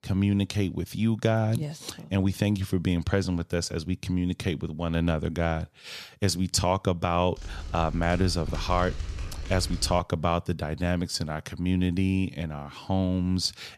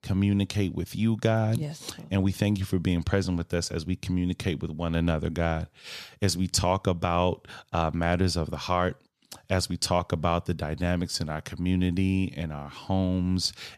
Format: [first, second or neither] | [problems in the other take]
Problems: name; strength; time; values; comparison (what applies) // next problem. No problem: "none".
second | keyboard typing; noticeable; from 7.5 to 10 s; peak 8 dB below the speech